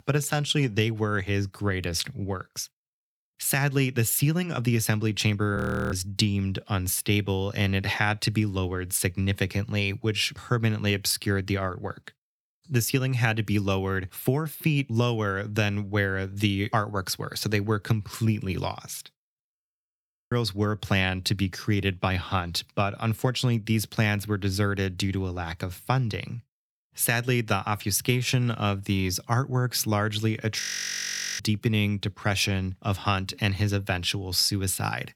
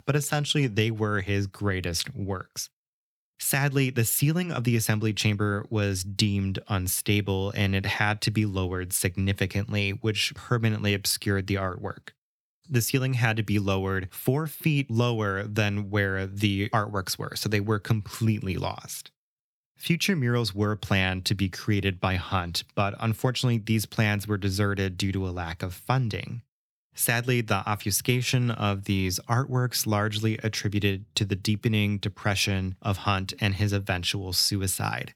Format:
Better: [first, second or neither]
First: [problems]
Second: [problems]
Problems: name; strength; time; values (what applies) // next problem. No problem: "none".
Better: second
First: audio freezing; at 5.5 s, at 20 s for 1 s and at 31 s for 1 s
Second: none